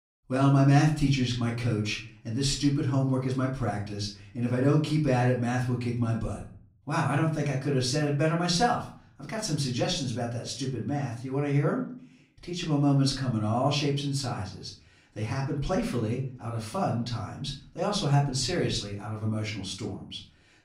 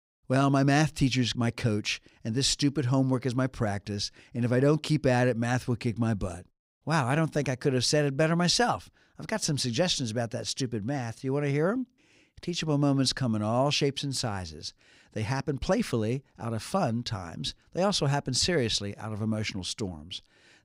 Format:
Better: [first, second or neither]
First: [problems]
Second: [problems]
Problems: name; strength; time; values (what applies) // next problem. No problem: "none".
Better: second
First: off-mic speech; far // room echo; slight; dies away in 0.4 s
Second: none